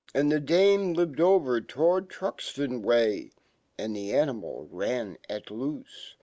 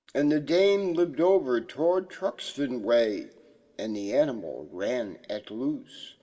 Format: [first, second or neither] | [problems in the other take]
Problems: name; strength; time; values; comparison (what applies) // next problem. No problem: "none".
first | room echo; dies away in 1 s